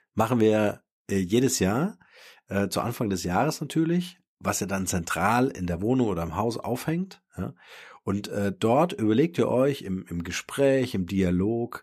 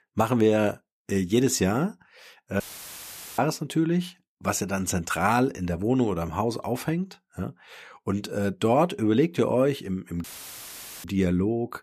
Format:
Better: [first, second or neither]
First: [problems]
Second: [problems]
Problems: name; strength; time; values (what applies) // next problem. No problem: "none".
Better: first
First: none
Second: audio cutting out; filled with static; at 2.5 s for 1 s and at 10 s for 1 s